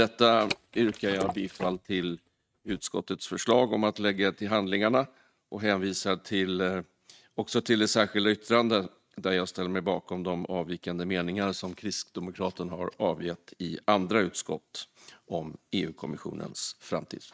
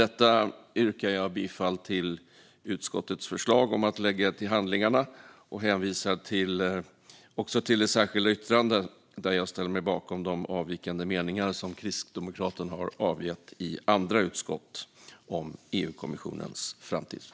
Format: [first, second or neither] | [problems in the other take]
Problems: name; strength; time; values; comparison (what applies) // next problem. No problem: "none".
second | noise reduction (neural mask model RNNoise)